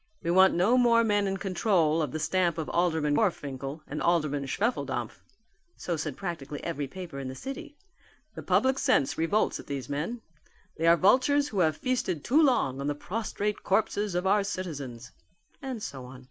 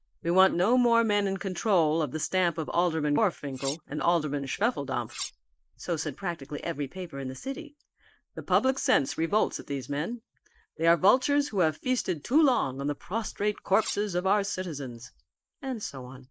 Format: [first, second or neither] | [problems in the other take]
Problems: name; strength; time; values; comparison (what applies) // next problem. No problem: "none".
first | noise reduction (neural mask model Resemble Enhance denoiser)